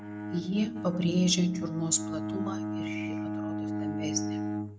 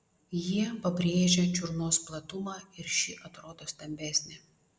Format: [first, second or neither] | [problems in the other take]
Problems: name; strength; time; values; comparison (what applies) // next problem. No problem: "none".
second | noise reduction (neural mask model RNNoise)